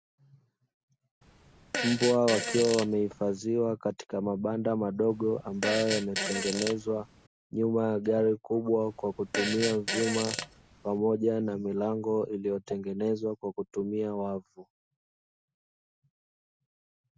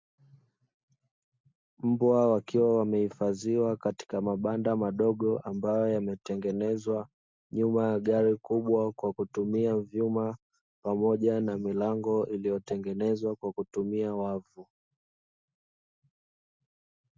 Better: second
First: background sound (Fart); 5 dB below the speech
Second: none

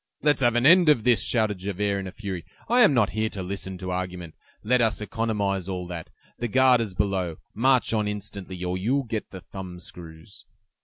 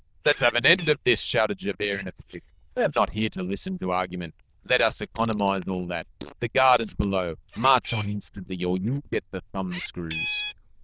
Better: first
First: none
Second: noise reduction (neural diffusion model UNIVERSE++)

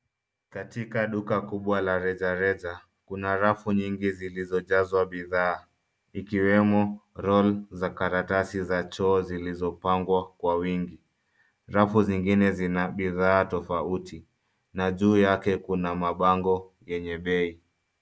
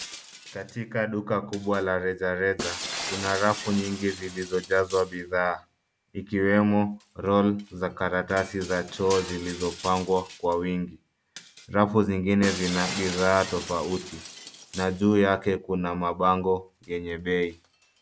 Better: first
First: none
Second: background sound (Shatter); 14 dB below the speech

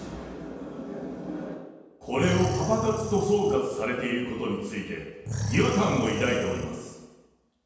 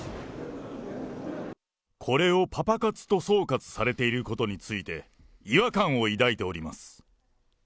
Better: second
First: background sound (Animal); 5 dB below the speech // room echo; dies away in 1.2 s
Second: none

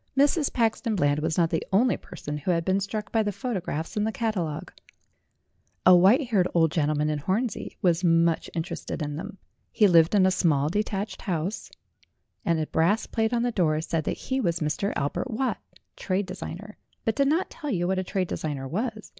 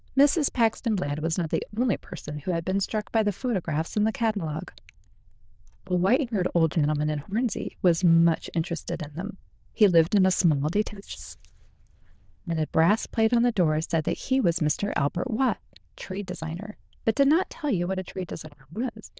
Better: first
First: none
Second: noise reduction (neural diffusion model UNIVERSE++)

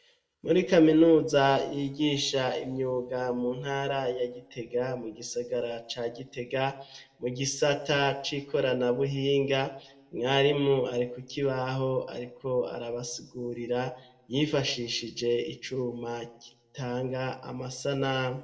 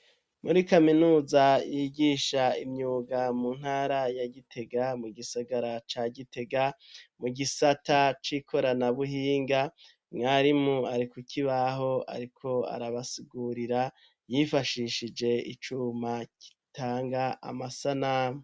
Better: second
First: room echo; dies away in 0.6 s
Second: none

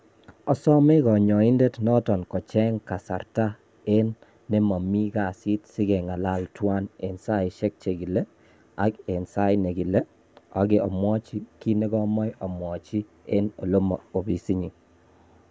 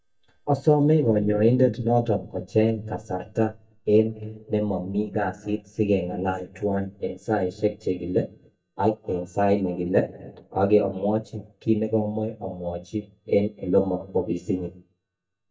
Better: first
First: none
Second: noise reduction (neural mask model DeepFilterNet 3)

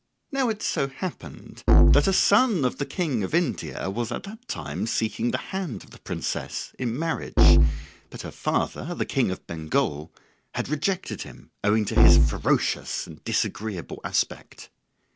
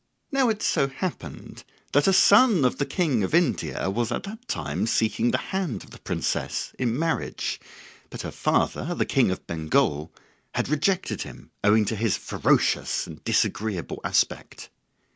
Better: second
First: background sound (Musical instrument); 4 dB above the speech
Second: none

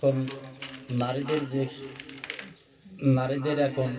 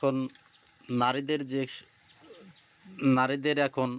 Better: second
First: background sound (Tools); 18 dB below the speech // room echo; dies away in 2.9 s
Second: none

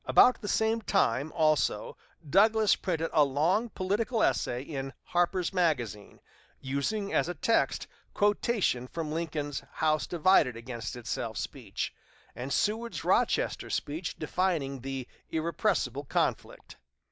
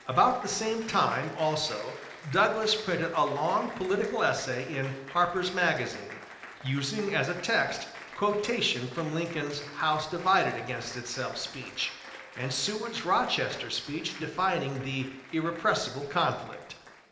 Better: first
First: none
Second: background sound (Applause); 16 dB below the speech // room echo; dies away in 0.9 s

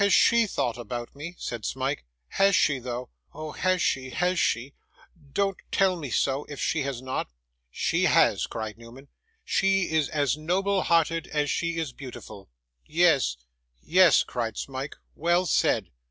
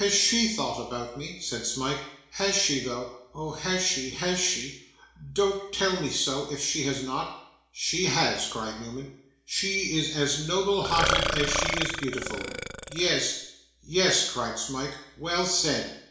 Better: first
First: none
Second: background sound (Burping, eructation); 2 dB below the speech // room echo; dies away in 0.7 s

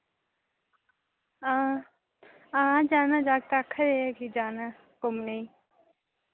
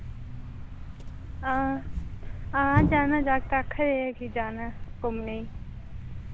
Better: first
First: none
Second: background sound (Thump, thud); 3 dB below the speech

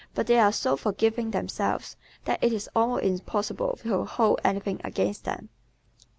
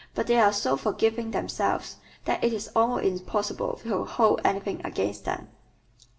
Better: first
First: none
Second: room echo; dies away in 0.4 s

